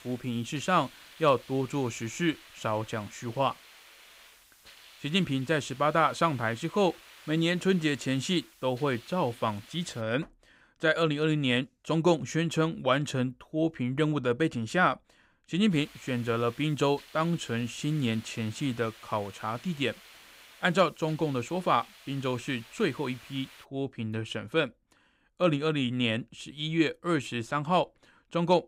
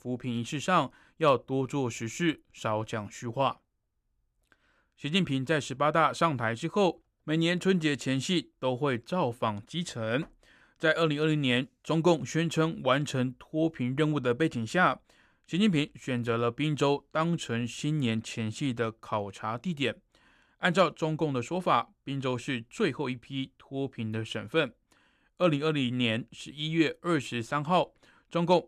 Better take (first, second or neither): second